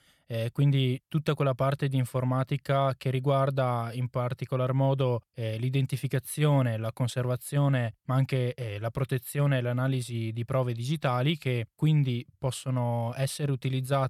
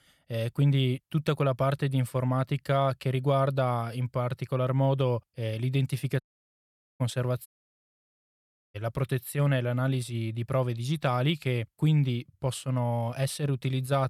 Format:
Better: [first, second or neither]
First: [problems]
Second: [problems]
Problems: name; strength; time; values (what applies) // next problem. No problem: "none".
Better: first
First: none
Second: audio cutting out; at 6 s for 1 s and at 7.5 s for 1.5 s